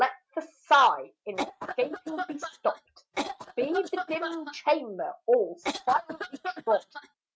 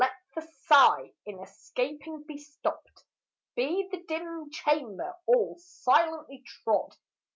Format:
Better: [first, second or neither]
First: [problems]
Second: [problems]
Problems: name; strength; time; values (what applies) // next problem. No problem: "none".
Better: second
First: noise reduction (neural mask model RNNoise)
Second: none